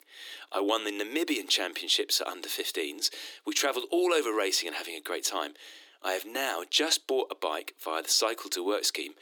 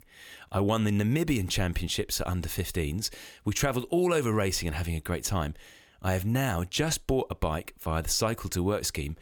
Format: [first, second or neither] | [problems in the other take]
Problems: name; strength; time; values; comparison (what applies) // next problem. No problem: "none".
second | thin; very; fading below 300 Hz